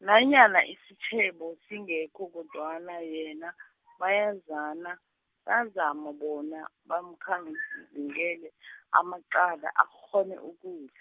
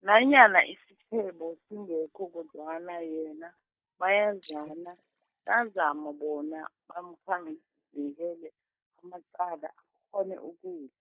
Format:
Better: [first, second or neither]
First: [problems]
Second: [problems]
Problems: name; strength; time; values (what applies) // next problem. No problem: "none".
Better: first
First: none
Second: noise reduction (neural mask model DeepFilterNet 3)